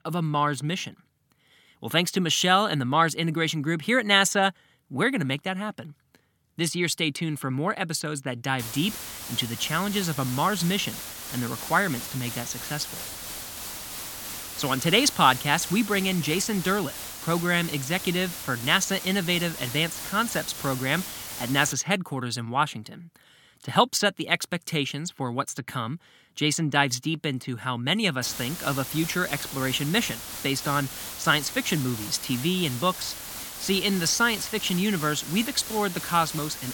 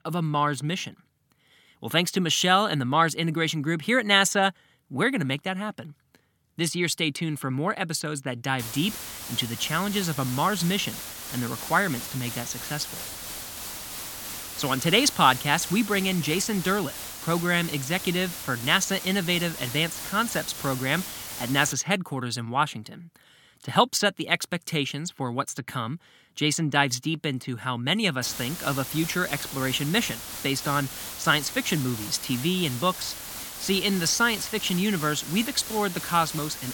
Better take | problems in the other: neither | hiss; loud; from 8.5 to 22 s and from 28 s on; 9 dB below the speech; the same in both

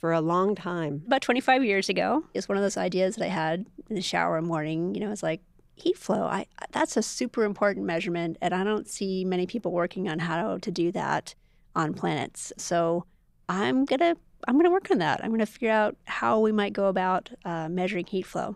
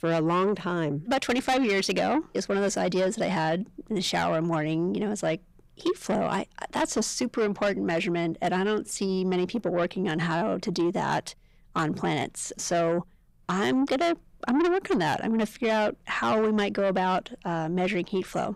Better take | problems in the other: first | distortion; slight; 10 dB below the speech

